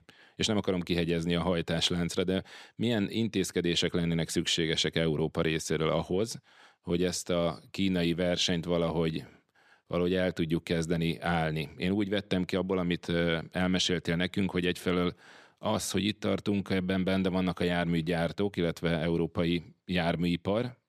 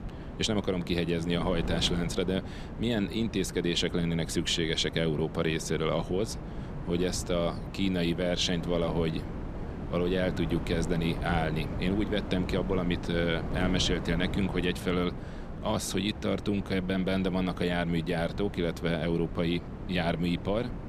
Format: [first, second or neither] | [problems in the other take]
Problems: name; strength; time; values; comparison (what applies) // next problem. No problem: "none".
first | wind noise on the microphone; occasional gusts; 10 dB below the speech